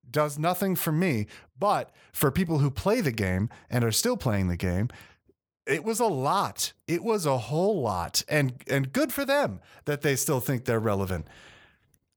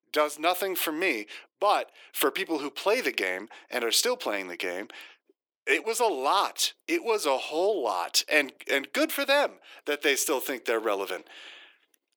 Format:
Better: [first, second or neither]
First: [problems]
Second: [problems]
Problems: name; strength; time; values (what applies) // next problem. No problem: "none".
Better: first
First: none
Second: thin; somewhat; fading below 300 Hz